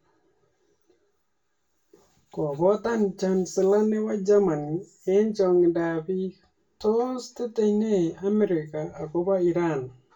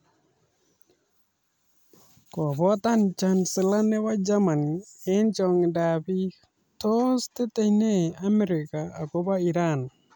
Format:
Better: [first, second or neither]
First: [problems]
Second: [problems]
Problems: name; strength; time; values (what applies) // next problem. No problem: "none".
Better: second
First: room echo; dies away in 0.2 s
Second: none